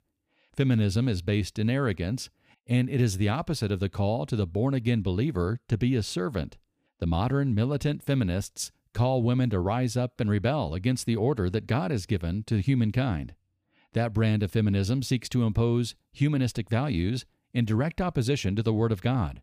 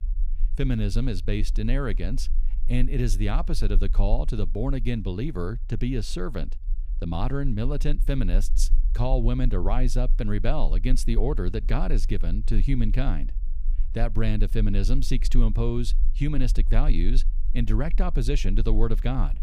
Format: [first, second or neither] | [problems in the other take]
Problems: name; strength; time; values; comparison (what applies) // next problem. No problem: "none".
first | low rumble; faint; throughout; 20 dB below the speech